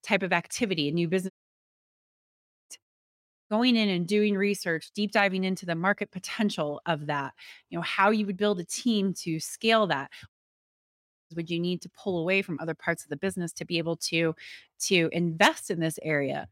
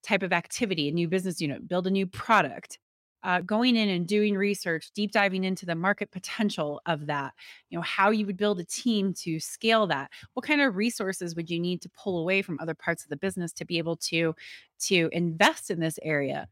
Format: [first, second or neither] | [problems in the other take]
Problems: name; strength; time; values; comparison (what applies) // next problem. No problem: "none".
second | audio cutting out; at 1.5 s for 1.5 s, at 3 s and at 10 s for 1 s